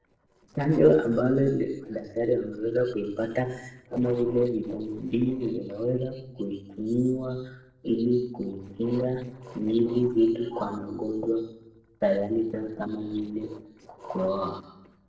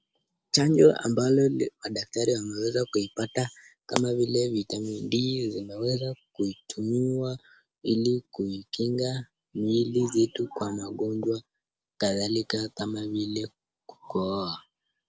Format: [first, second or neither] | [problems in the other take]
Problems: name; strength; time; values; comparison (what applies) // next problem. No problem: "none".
second | noise reduction (neural separator model SepFormer DNS4)